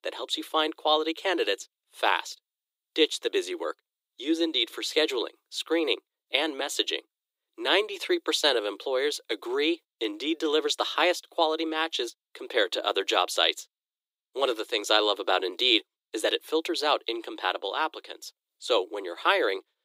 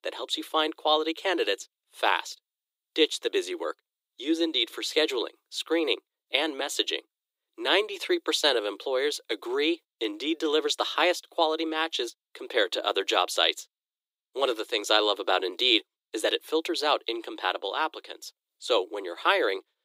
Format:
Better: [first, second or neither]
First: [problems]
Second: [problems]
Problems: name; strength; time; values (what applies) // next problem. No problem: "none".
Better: neither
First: thin; very; fading below 300 Hz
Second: thin; very; fading below 300 Hz